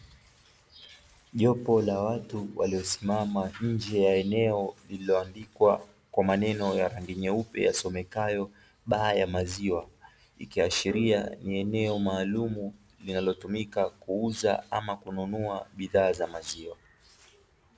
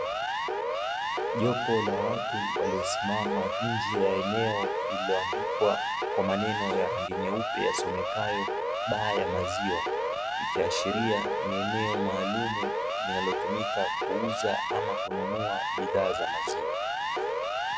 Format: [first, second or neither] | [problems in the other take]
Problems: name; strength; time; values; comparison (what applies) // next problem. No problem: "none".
first | background sound (Siren); 2 dB above the speech